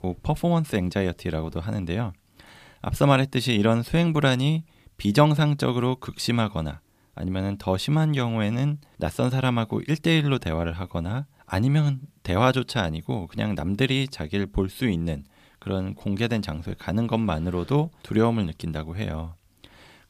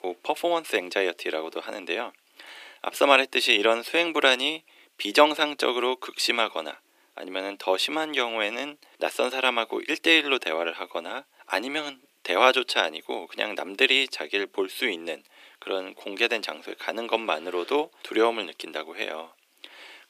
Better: first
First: none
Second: thin; very; fading below 350 Hz

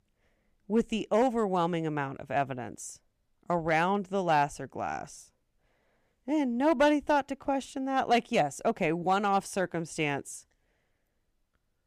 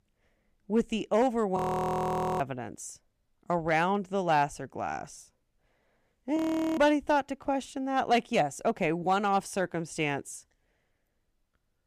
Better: first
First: none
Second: audio freezing; at 1.5 s for 1 s and at 6.5 s

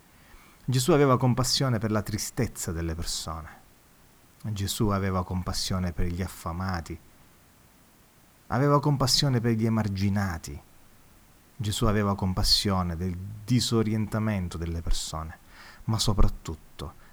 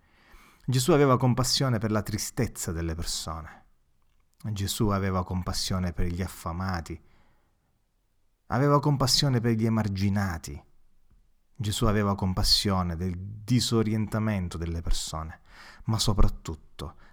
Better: second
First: hiss; faint; throughout; 30 dB below the speech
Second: none

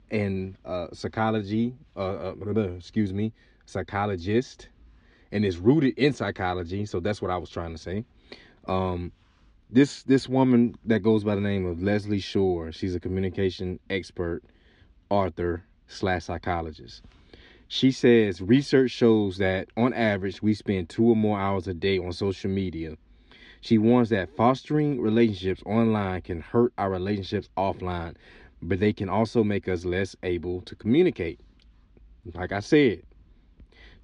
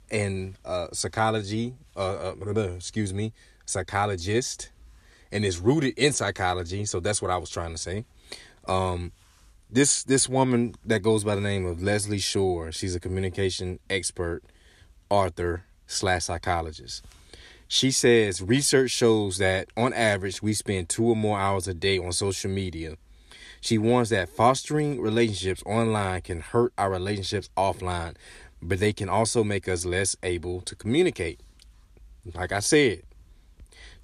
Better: second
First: muffled; slightly; fading above 4 kHz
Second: none

